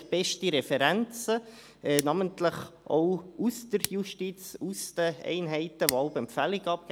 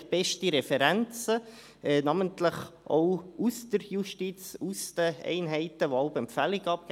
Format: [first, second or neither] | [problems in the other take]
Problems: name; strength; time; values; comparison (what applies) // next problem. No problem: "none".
second | background sound (Scissors); 14 dB below the speech